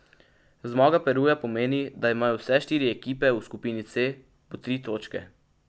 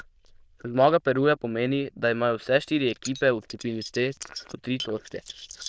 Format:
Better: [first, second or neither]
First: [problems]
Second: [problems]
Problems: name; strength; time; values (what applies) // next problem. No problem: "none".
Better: first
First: none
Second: noise reduction (neural diffusion model UNIVERSE++)